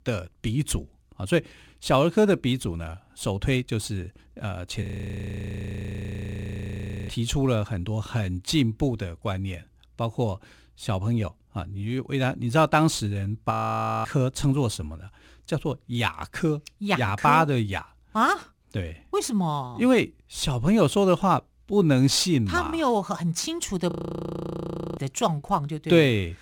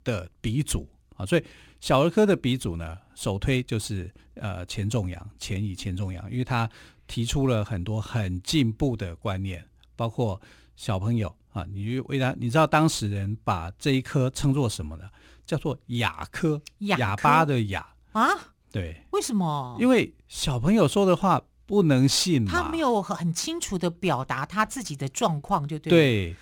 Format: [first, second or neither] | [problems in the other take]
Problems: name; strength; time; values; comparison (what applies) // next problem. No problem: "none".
second | audio freezing; at 5 s for 2.5 s, at 14 s for 0.5 s and at 24 s for 1 s